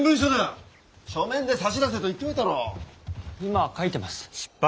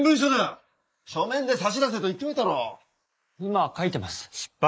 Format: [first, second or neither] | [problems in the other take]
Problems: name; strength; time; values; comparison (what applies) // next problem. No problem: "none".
first | noise reduction (neural mask model Resemble Enhance denoiser)